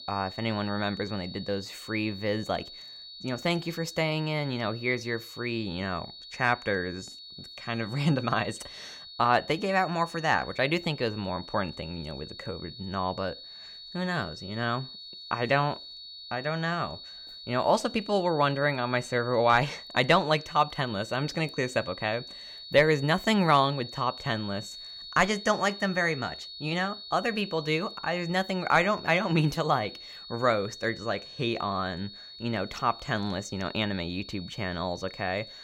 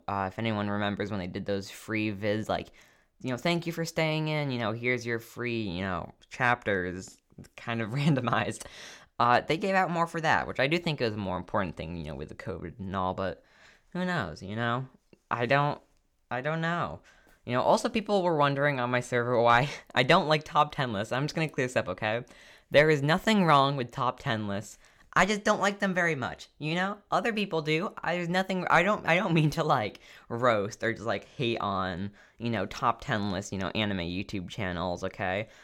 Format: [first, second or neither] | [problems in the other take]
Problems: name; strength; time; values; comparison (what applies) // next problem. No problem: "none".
second | high-pitched whine; noticeable; throughout; 4.5 kHz, 15 dB below the speech